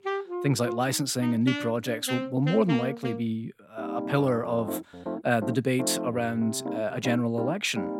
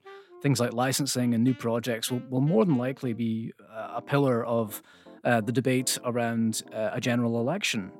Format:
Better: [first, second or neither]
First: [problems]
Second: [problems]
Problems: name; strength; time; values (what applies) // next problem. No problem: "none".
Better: second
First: background music; loud; throughout; 7 dB below the speech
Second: background music; faint; throughout; 25 dB below the speech